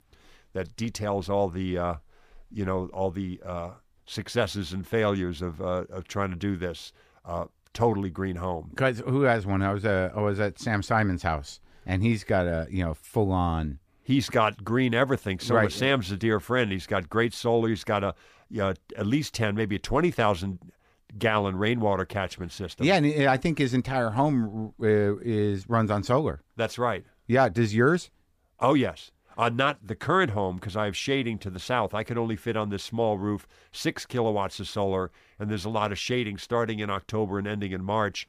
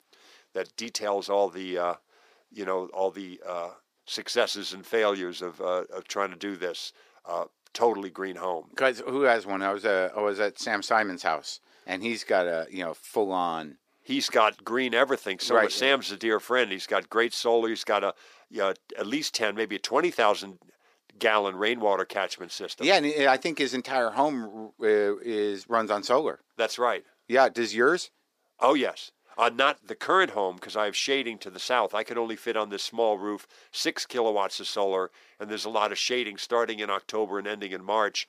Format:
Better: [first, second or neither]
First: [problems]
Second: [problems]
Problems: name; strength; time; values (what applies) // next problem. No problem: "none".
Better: first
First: none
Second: thin; somewhat; fading below 350 Hz